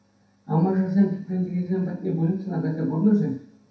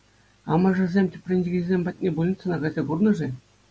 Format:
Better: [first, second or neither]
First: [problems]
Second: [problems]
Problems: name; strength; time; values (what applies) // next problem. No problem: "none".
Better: second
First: room echo; dies away in 0.7 s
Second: none